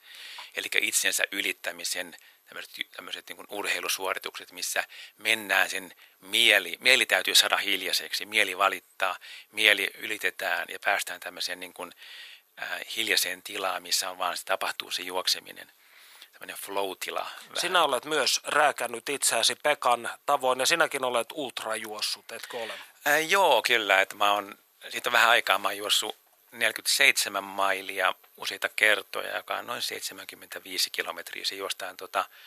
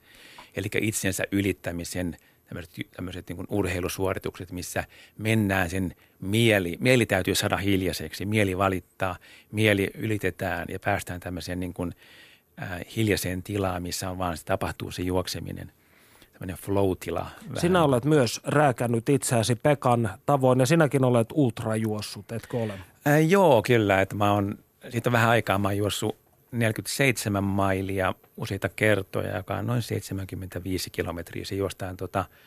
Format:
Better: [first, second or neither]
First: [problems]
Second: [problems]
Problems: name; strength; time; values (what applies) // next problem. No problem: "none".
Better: second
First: thin; very; fading below 850 Hz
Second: none